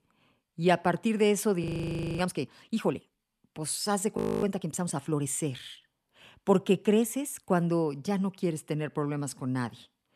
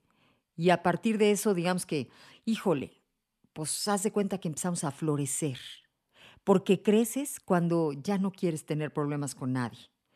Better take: second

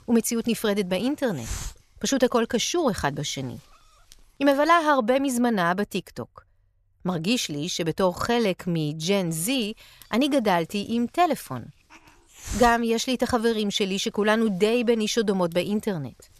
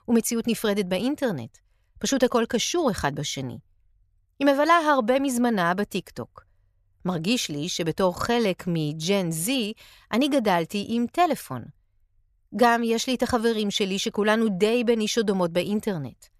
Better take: second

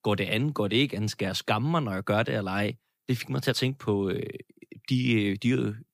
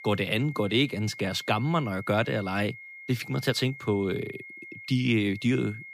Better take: first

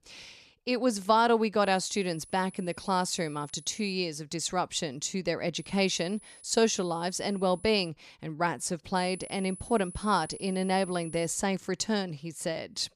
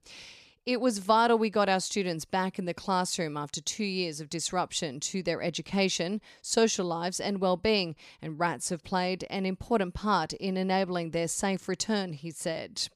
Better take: second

